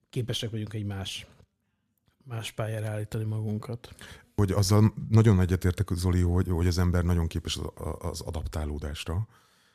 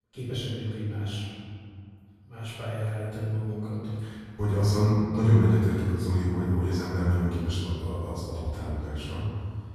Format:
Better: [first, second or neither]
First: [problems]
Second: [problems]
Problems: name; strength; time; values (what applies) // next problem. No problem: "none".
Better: first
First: none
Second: off-mic speech; far // room echo; strong; dies away in 2.3 s